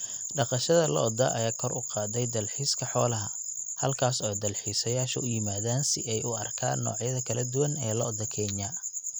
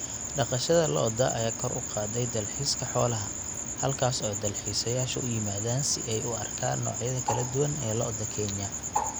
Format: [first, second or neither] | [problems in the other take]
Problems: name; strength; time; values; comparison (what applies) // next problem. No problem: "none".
first | background sound (Bird); 10 dB below the speech